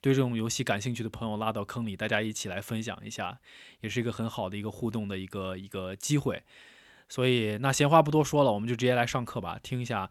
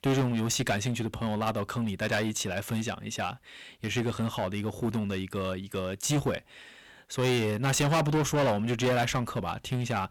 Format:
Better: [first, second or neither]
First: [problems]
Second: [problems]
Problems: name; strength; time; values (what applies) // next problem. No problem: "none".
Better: first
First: none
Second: distortion; heavy; 12% of the sound clipped